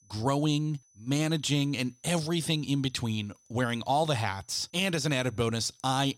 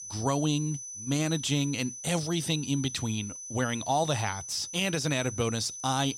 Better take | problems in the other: first | high-pitched whine; loud; throughout; 6 kHz, 8 dB below the speech; faint in the first

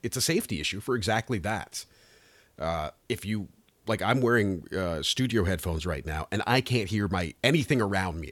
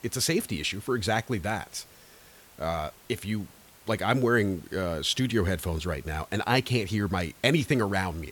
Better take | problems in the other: first | hiss; faint; throughout; 25 dB below the speech

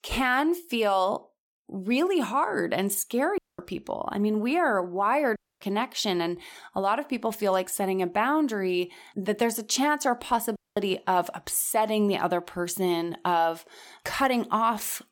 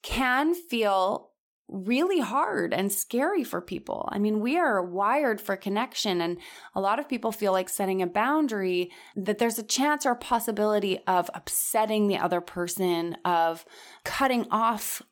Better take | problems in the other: second | audio cutting out; at 3.5 s, at 5.5 s and at 11 s

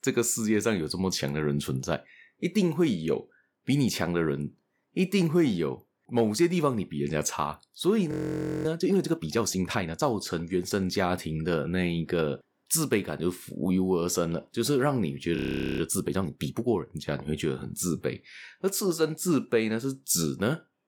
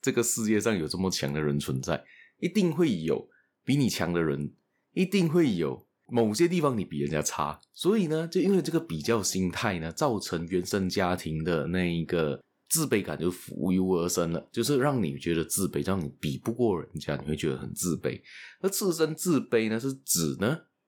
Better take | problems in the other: second | audio freezing; at 8 s for 0.5 s and at 15 s

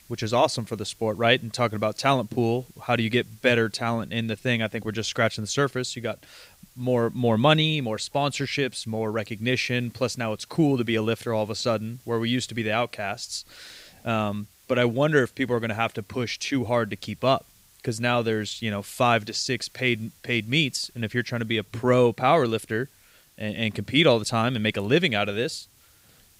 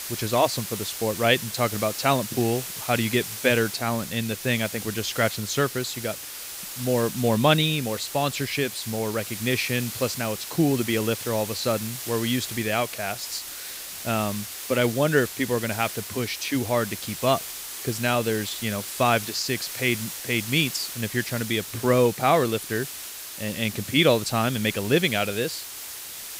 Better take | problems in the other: first | hiss; loud; throughout; 8 dB below the speech; faint in the first

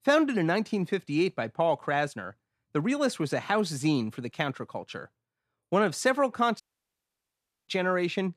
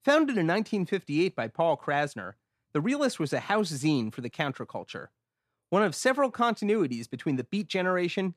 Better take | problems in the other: second | audio cutting out; at 6.5 s for 1 s

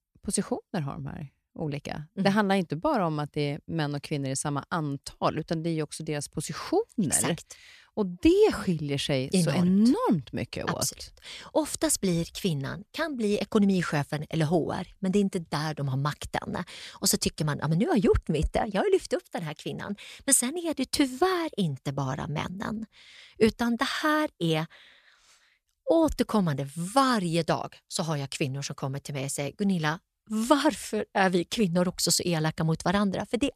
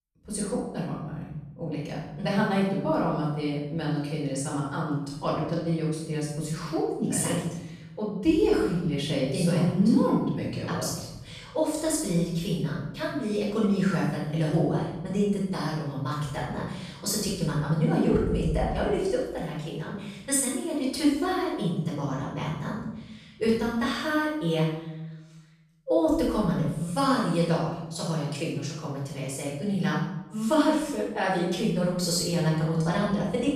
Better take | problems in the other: first | off-mic speech; far // room echo; strong; dies away in 1 s

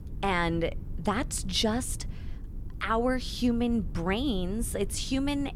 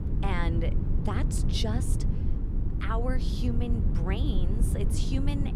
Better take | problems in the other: first | low rumble; loud; throughout; 5 dB below the speech; faint in the first

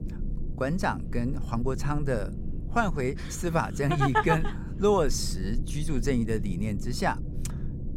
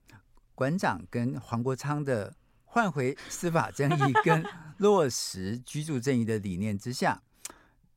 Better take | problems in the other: second | low rumble; noticeable; throughout; 15 dB below the speech

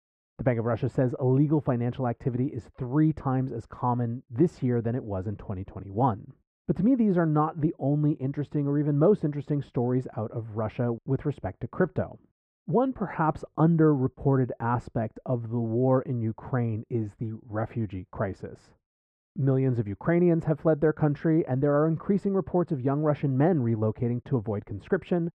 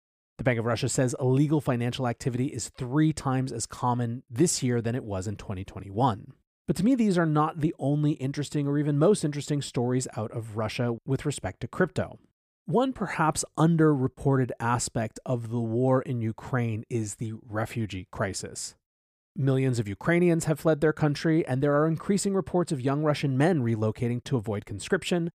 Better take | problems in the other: second | muffled; very; fading above 3.5 kHz

